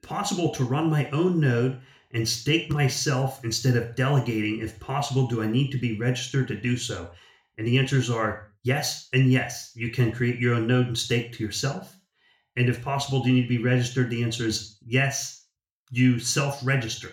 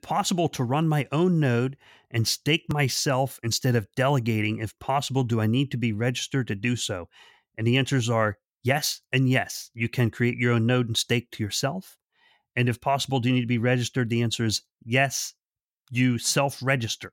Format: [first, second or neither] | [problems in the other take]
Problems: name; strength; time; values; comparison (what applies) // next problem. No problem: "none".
second | room echo; slight; dies away in 0.4 s // off-mic speech; somewhat distant